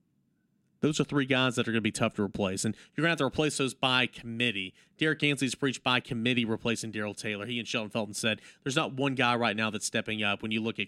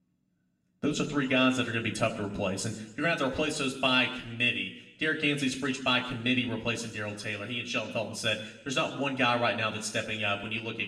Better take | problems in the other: first | room echo; slight; dies away in 0.9 s // off-mic speech; somewhat distant

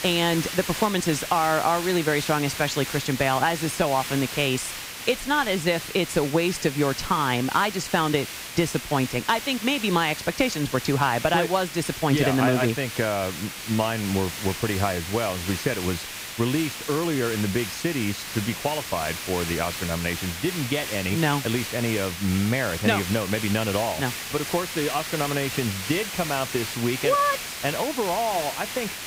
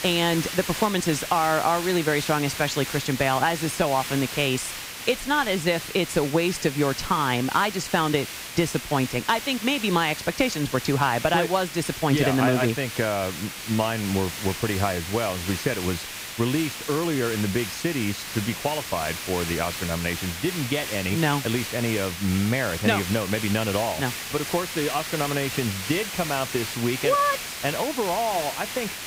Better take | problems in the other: neither | hiss; loud; throughout; 7 dB below the speech; the same in both

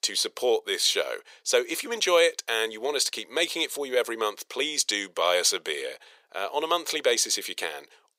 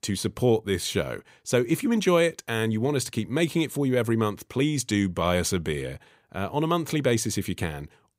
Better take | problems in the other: second | thin; very; fading below 450 Hz

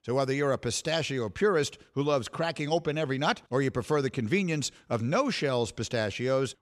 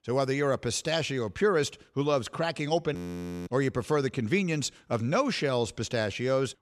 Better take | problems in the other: first | audio freezing; at 3 s for 0.5 s

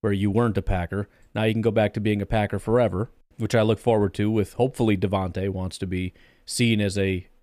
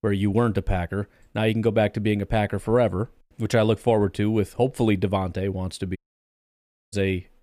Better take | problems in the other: first | audio cutting out; at 6 s for 1 s

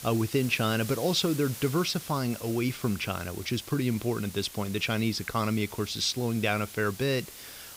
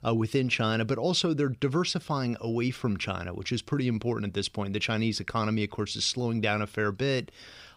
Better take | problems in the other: second | hiss; noticeable; throughout; 15 dB below the speech

